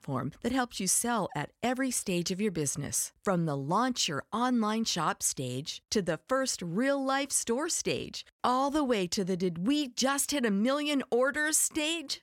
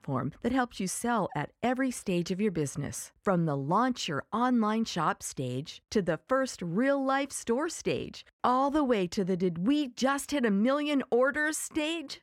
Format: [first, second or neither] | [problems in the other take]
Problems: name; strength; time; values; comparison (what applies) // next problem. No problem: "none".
first | muffled; slightly; fading above 3 kHz